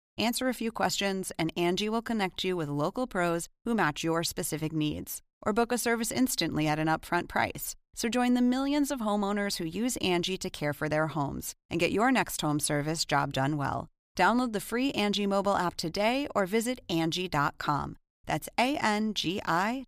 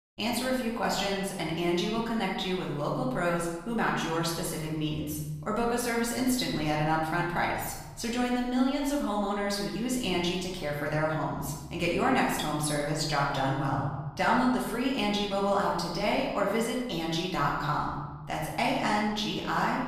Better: first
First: none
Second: room echo; noticeable; dies away in 1.2 s // off-mic speech; far

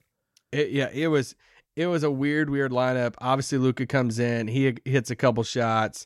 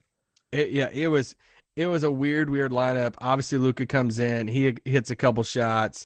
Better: first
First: none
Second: garbled, watery; slightly; nothing above 8 kHz

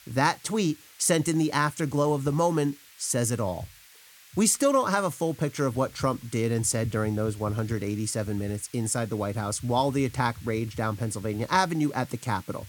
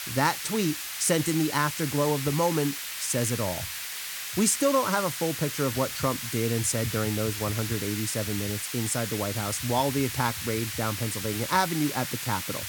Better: first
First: hiss; faint; throughout; 25 dB below the speech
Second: hiss; loud; throughout; 4 dB below the speech

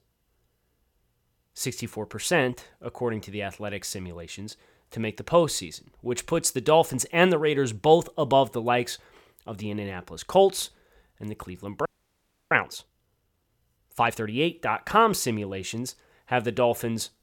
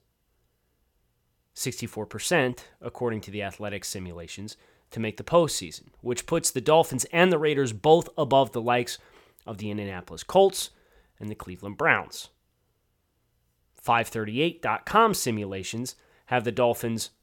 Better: second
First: audio freezing; at 12 s for 0.5 s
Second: none

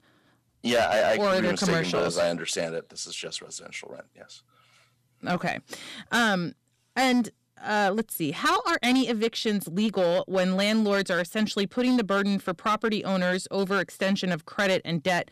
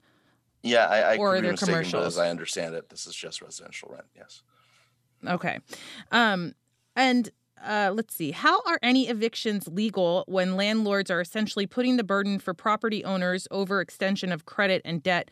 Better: second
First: distortion; slight; 7% of the sound clipped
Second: none

